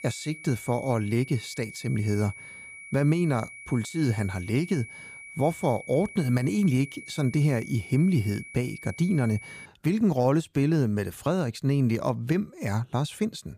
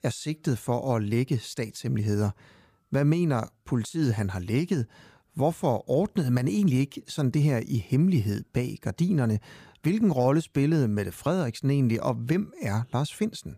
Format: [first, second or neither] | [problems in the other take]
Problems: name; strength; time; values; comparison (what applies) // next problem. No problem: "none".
second | high-pitched whine; noticeable; until 9.5 s; 2.5 kHz, 15 dB below the speech